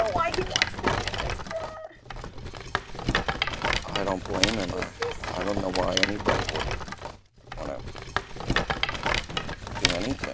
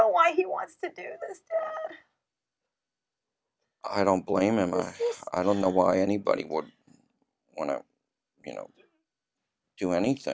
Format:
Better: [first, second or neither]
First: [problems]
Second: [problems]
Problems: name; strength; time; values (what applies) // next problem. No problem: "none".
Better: second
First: background sound (Rattle); 4 dB above the speech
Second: none